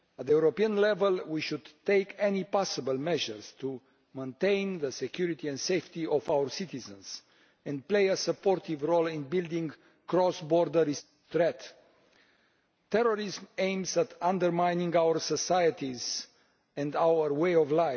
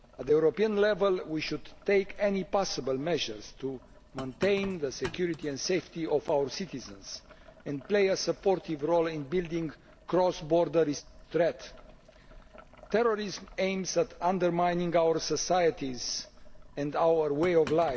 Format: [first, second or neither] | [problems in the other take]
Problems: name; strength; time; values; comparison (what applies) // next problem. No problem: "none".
first | background sound (Boiling); 19 dB below the speech